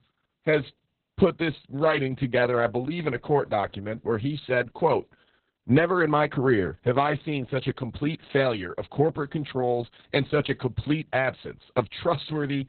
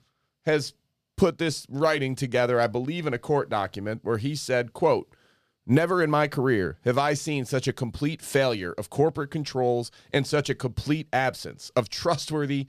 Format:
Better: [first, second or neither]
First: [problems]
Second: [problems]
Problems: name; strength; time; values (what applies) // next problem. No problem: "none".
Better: second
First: garbled, watery; badly; nothing above 4 kHz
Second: none